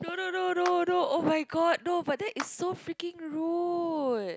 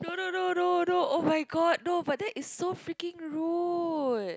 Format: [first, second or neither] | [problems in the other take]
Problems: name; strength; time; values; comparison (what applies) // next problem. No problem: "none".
second | background sound (Clapping); 17 dB below the speech